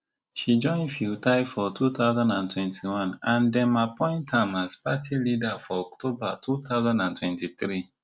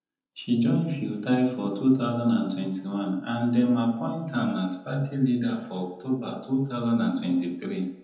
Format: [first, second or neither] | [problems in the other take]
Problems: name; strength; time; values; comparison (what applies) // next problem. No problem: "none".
first | room echo; dies away in 0.8 s